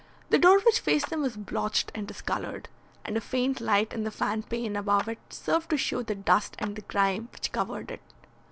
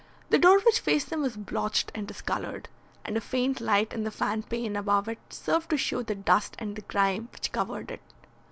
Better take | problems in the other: second | background sound (Clapping); 17 dB below the speech

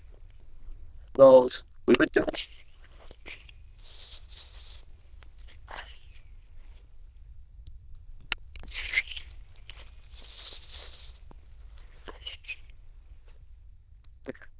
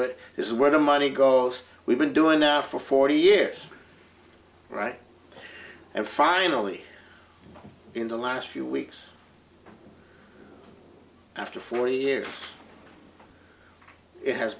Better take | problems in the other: second | noise reduction (neural diffusion model UNIVERSE++)

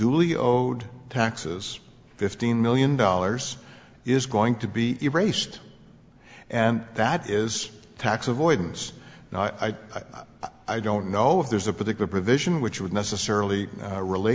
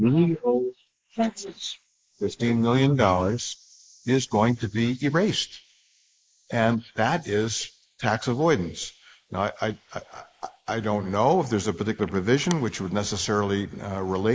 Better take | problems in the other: first | noise reduction (neural mask model Resemble Enhance denoiser)

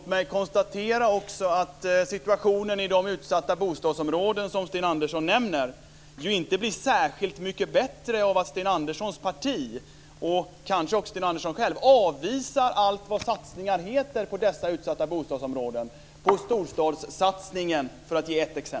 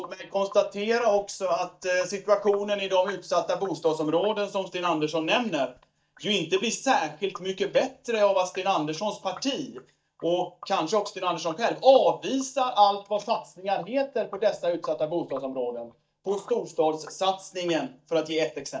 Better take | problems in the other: first | noise reduction (neural mask model DeepFilterNet 3)

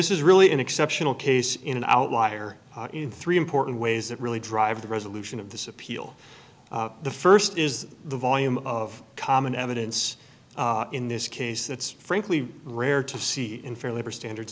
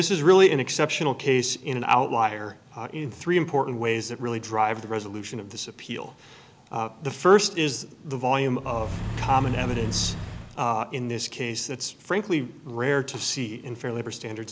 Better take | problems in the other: first | background sound (Accelerating, revving, vroom / Car); 6 dB below the speech

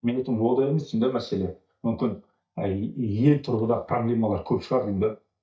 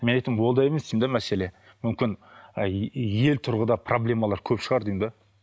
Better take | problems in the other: second | noise reduction (neural mask model DeepFilterNet 3)

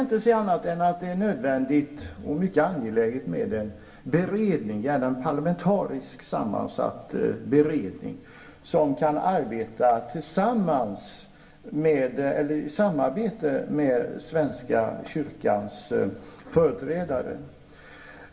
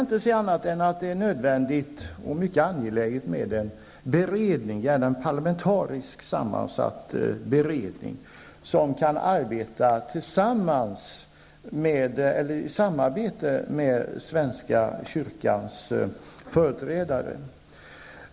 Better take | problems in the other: second | room echo; dies away in 1 s

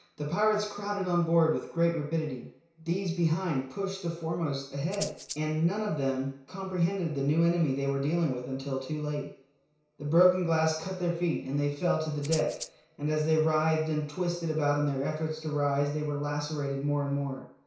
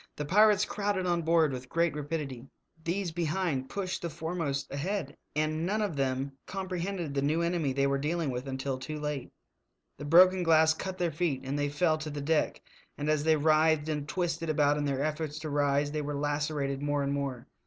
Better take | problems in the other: second | background sound (Rattle (instrument)); 12 dB below the speech // room echo; dies away in 0.6 s

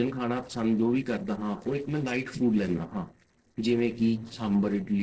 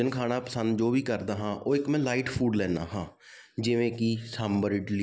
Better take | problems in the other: second | noise reduction (neural separator model SepFormer DNS4)

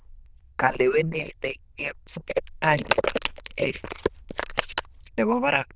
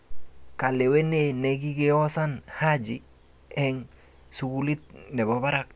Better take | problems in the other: second | noise reduction (neural diffusion model UNIVERSE++)

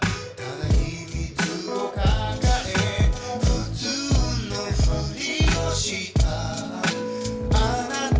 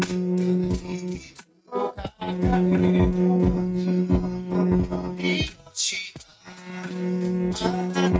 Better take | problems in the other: first | noise reduction (neural mask model RNNoise)

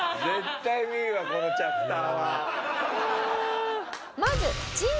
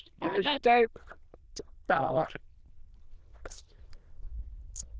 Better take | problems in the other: first | noise reduction (neural diffusion model UNIVERSE++)

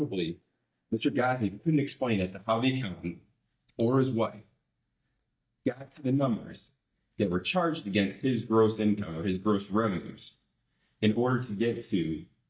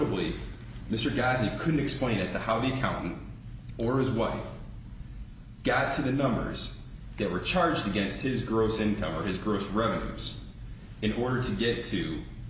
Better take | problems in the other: second | noise reduction (neural mask model DeepFilterNet 3)

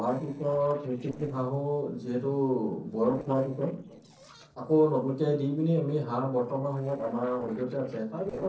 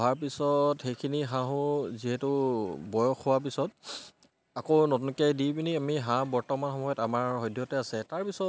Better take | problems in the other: second | noise reduction (neural separator model SepFormer DNS4)

